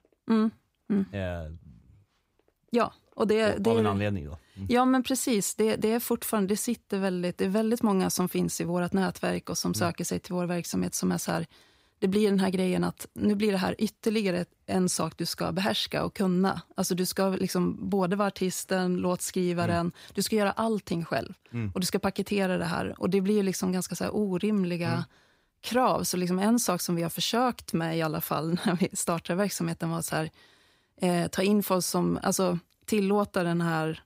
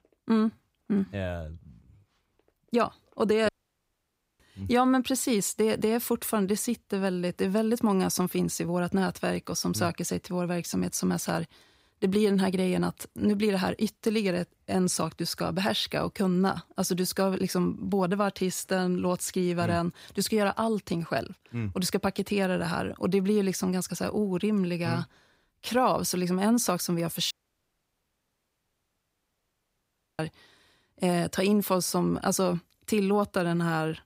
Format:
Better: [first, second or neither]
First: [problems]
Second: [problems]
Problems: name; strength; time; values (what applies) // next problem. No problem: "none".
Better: first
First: none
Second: audio cutting out; at 3.5 s for 1 s and at 27 s for 3 s